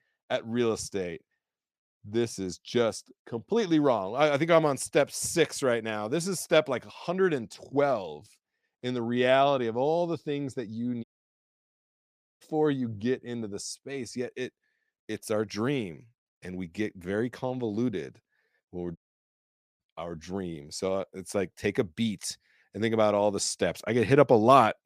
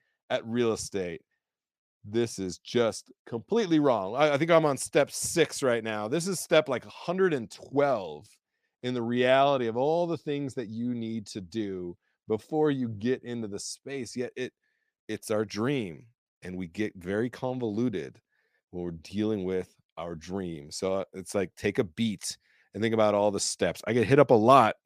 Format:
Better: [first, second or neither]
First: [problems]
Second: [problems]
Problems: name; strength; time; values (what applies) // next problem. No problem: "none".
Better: second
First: audio cutting out; at 11 s for 1.5 s and at 19 s for 1 s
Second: none